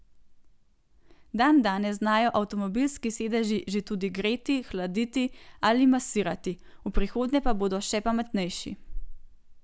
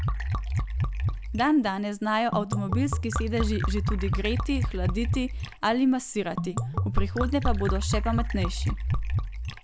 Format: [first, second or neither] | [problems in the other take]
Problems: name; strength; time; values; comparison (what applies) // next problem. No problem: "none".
first | background sound (Liquid); as loud as the speech